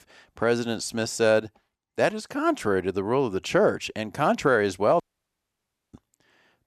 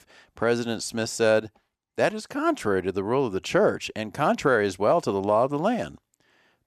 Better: second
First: audio cutting out; at 5 s for 1 s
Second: none

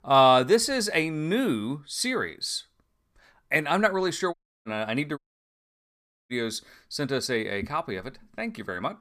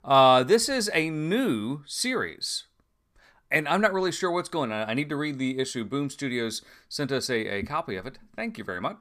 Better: second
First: audio cutting out; at 4.5 s and at 5 s for 1 s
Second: none

